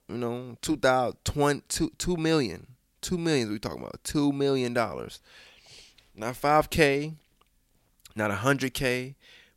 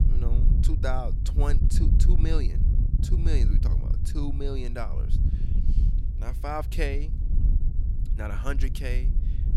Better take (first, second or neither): first